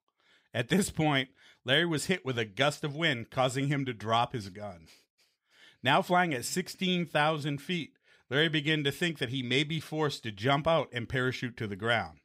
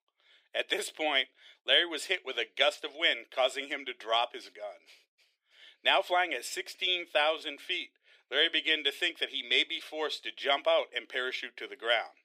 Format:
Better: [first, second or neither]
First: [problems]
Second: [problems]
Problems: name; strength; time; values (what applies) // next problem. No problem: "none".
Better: first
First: none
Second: thin; very; fading below 350 Hz